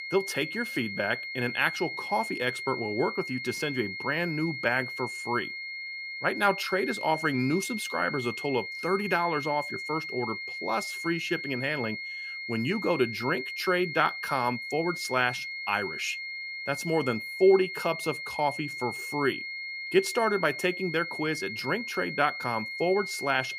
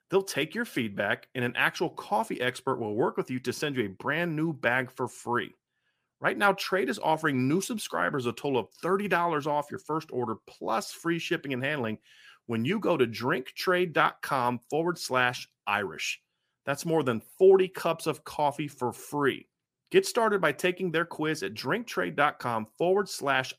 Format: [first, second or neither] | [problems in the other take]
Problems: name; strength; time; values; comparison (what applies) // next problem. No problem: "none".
second | high-pitched whine; loud; throughout; 2 kHz, 5 dB below the speech